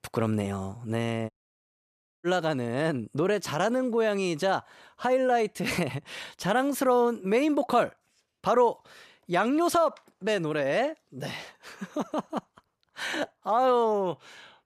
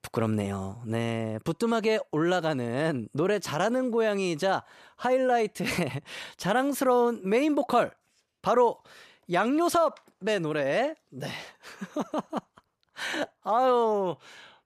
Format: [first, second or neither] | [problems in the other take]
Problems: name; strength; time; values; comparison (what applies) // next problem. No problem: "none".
second | audio cutting out; at 1.5 s for 1 s